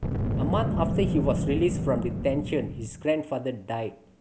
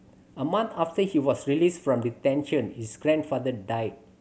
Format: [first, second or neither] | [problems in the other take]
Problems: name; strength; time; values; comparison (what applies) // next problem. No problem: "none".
second | background sound (Boom); 1 dB below the speech